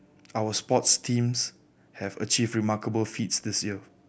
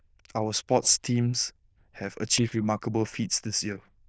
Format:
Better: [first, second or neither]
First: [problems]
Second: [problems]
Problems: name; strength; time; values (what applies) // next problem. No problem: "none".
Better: first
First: none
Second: noise reduction (neural diffusion model UNIVERSE++)